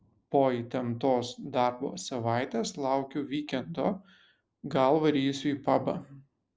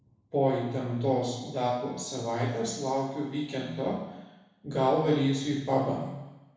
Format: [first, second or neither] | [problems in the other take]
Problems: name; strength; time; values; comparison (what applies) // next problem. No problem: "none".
first | room echo; dies away in 1 s